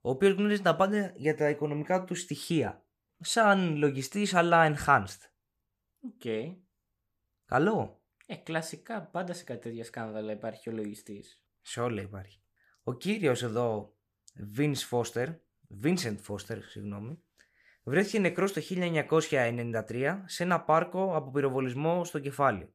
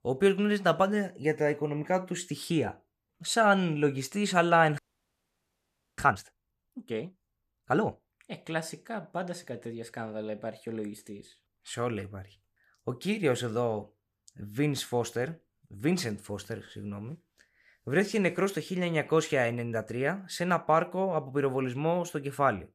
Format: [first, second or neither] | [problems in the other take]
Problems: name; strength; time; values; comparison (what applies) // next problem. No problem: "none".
first | audio freezing; at 5 s for 1 s